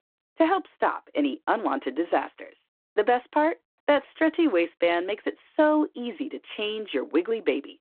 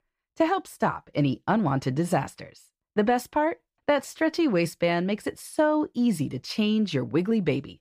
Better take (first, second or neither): second